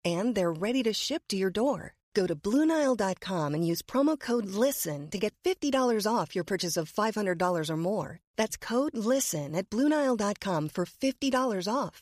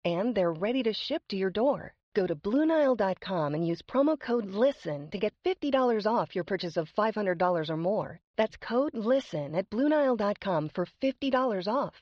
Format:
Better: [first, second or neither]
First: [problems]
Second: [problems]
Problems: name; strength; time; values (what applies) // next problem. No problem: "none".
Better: first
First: none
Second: muffled; slightly; fading above 4 kHz